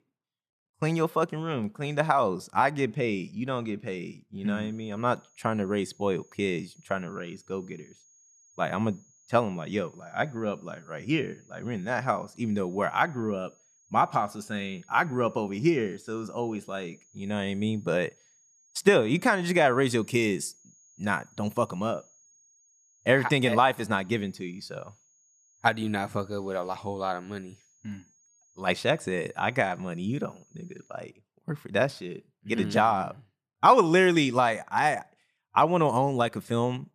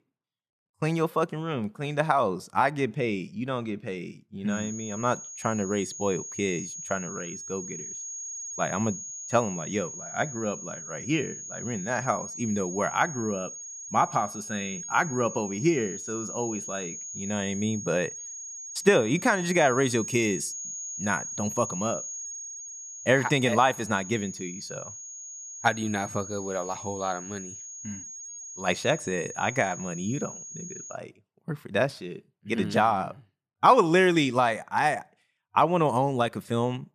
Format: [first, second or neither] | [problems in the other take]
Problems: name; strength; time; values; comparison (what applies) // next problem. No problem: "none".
first | high-pitched whine; loud; from 4.5 to 31 s; 6.5 kHz, 9 dB below the speech; faint in the first